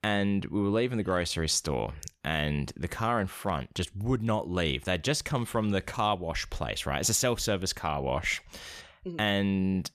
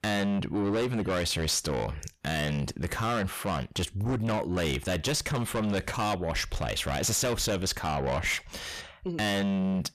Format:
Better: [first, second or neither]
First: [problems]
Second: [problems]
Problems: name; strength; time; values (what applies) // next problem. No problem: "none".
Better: first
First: none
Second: distortion; heavy; 6 dB below the speech